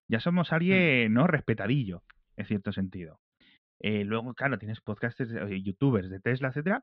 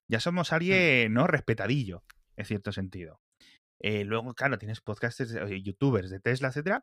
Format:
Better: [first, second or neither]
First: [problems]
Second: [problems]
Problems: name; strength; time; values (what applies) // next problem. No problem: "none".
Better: second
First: muffled; slightly; fading above 3.5 kHz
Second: none